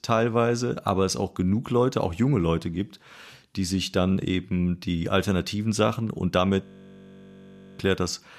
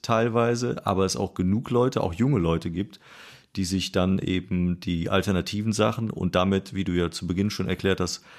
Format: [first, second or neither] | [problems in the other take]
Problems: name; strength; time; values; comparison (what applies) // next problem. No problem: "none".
second | audio freezing; at 6.5 s for 1 s